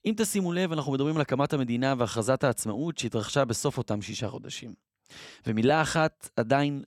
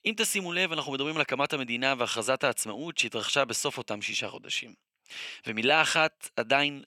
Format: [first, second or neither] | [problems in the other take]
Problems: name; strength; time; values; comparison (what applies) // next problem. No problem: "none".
first | thin; somewhat; fading below 700 Hz